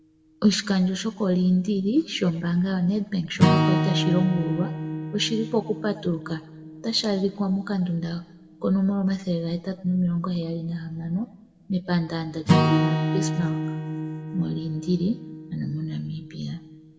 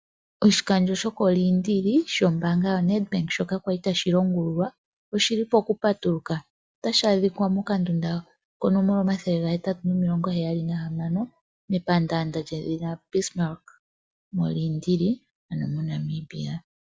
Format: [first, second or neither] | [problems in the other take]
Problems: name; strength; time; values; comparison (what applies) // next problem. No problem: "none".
second | background sound (Acoustic guitar / Strum); 3 dB below the speech // room echo; dies away in 1.1 s